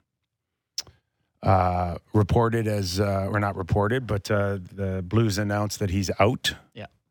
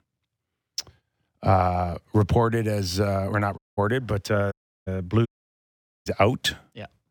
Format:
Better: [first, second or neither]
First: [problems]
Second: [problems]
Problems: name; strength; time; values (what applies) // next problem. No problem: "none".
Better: first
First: none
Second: audio cutting out; at 3.5 s, at 4.5 s and at 5.5 s for 1 s